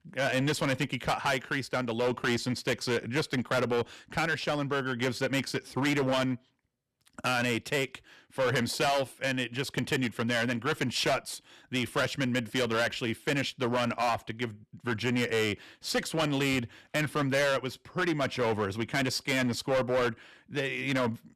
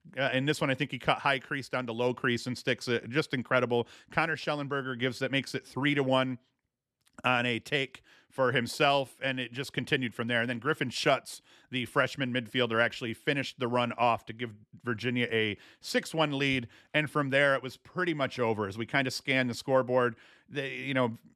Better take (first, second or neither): second